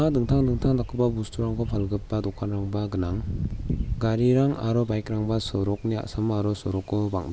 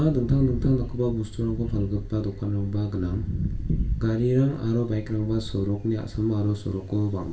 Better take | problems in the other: first | room echo; dies away in 0.4 s

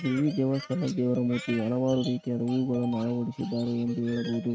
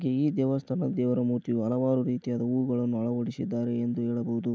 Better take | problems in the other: second | noise reduction (neural mask model RNNoise)

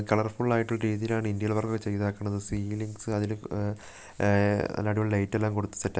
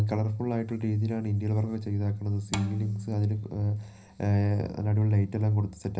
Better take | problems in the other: first | background sound (Bowed string instrument); 15 dB below the speech // room echo; dies away in 0.5 s

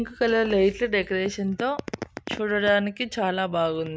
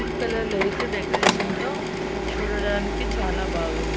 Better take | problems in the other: first | background sound (Printer); 5 dB above the speech

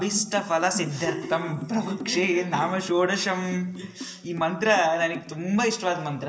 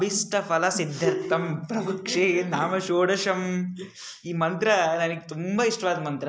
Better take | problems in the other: second | background sound (Drum); 17 dB below the speech // room echo; dies away in 2.4 s

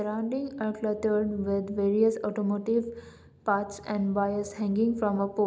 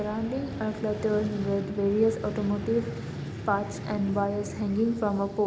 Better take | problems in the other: first | background sound (Vehicle); 9 dB below the speech

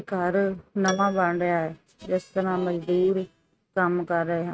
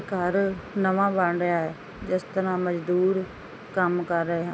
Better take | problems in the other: second | noise reduction (neural mask model RNNoise)

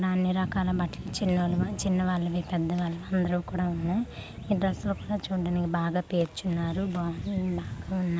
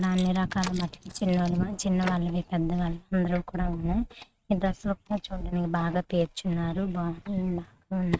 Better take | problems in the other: first | noise reduction (neural mask model RNNoise)

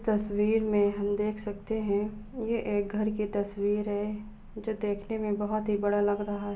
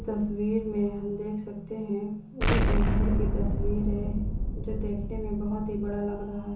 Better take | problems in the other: first | background sound (Explosion); 2 dB above the speech // room echo; dies away in 0.7 s

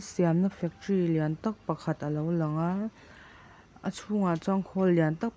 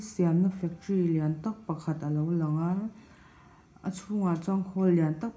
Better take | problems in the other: first | room echo; dies away in 0.4 s

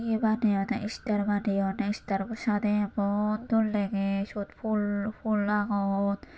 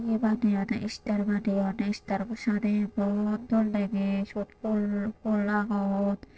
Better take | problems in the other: first | noise reduction (neural separator model SepFormer DNS4)

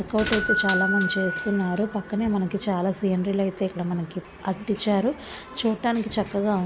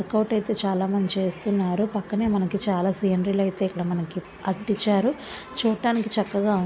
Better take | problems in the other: second | background sound (Doorbell); 7 dB below the speech

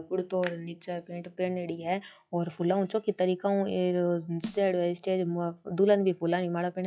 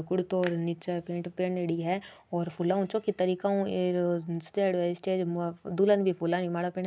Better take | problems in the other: second | noise reduction (classical method log-MMSE)

